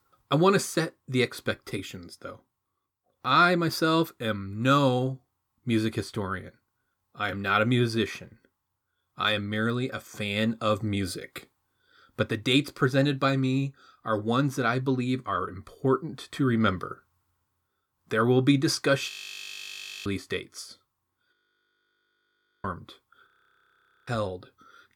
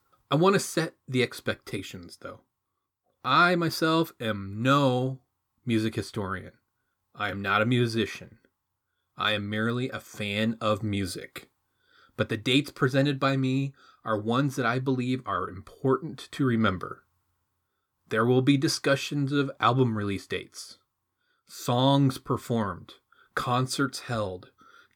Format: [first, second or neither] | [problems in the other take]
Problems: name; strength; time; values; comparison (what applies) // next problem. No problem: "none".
second | audio freezing; at 19 s for 1 s, at 21 s for 1.5 s and at 23 s for 1 s